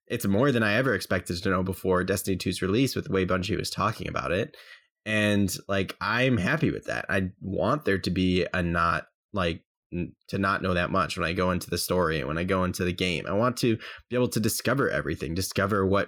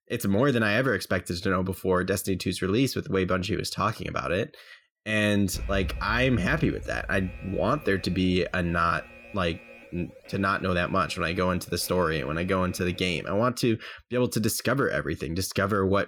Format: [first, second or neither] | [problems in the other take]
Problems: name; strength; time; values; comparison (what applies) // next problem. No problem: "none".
first | alarm; noticeable; from 5.5 to 13 s; peak 8 dB below the speech